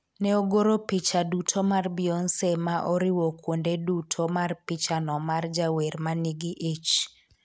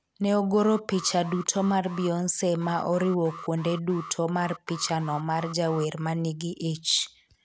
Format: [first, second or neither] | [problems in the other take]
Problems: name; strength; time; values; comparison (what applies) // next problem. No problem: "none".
first | background sound (Alarm); 16 dB below the speech